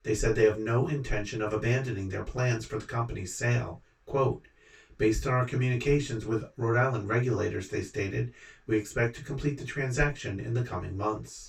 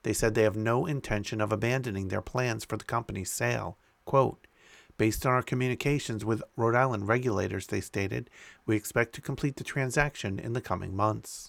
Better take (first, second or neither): second